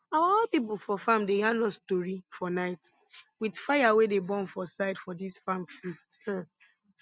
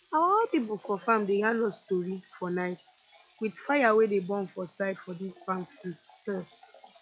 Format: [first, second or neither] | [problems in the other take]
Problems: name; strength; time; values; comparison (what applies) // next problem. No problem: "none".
first | noise reduction (classical method log-MMSE)